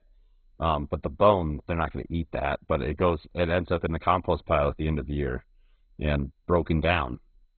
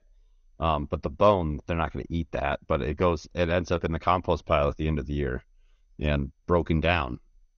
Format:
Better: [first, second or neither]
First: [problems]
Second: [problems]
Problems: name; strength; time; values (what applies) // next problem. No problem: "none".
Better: second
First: garbled, watery; badly; nothing above 4 kHz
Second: garbled, watery; slightly; nothing above 6.5 kHz